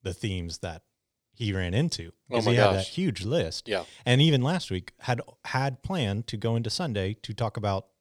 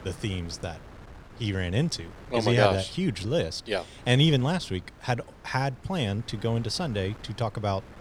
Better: first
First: none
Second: wind noise on the microphone; occasional gusts; 20 dB below the speech

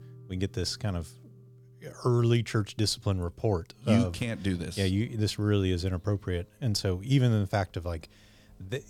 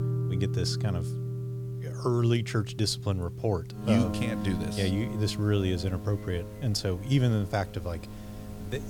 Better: first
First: background music; faint; throughout; 25 dB below the speech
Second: background music; loud; throughout; 7 dB below the speech

